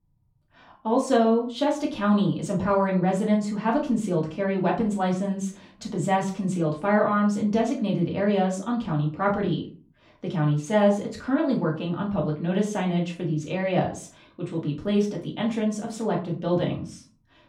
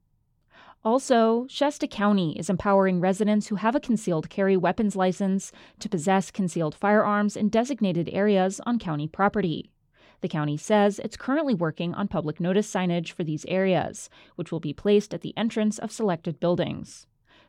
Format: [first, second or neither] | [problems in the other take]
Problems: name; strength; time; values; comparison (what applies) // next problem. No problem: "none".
second | off-mic speech; far // room echo; slight; dies away in 0.3 s